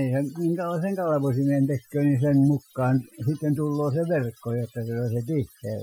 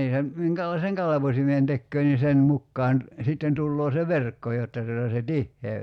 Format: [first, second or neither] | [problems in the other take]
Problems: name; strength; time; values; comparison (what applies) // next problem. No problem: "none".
second | noise reduction (classical method Wiener filter)